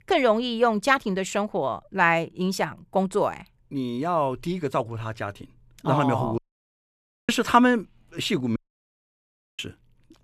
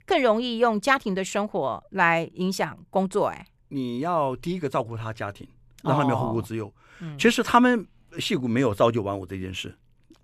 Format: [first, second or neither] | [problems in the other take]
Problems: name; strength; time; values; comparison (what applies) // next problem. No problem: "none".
second | audio cutting out; at 6.5 s for 1 s and at 8.5 s for 1 s